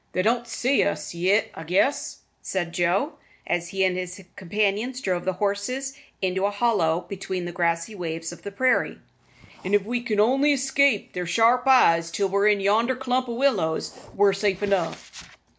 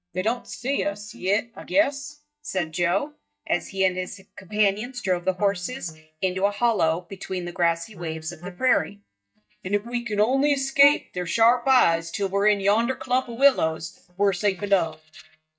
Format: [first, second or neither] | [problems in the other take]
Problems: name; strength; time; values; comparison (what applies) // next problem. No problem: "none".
first | noise reduction (neural mask model DeepFilterNet 3)